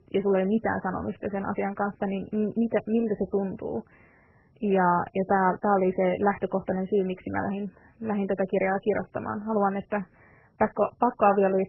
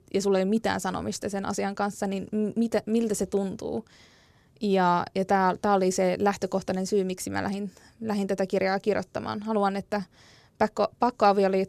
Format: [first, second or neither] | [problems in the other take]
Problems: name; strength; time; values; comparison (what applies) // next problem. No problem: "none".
second | garbled, watery; badly; nothing above 3 kHz